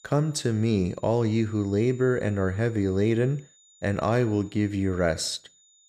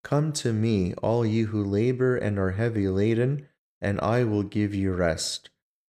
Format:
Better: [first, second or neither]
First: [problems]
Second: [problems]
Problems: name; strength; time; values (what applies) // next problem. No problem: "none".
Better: second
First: high-pitched whine; faint; throughout; 7 kHz, 30 dB below the speech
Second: none